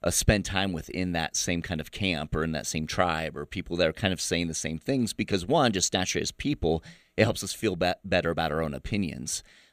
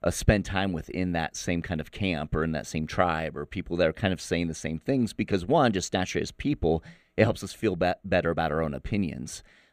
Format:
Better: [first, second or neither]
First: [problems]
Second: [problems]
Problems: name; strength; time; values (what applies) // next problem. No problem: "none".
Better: first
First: none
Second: muffled; slightly; fading above 3 kHz